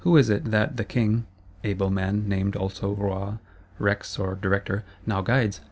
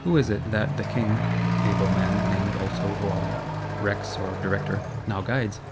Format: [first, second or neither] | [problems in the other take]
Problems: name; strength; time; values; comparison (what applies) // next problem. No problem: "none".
first | background sound (Accelerating, revving, vroom / Truck); as loud as the speech